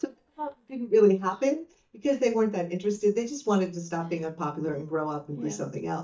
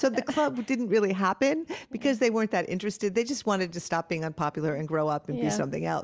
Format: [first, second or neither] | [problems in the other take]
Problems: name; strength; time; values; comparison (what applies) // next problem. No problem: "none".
second | noise reduction (neural mask model DeepFilterNet 3)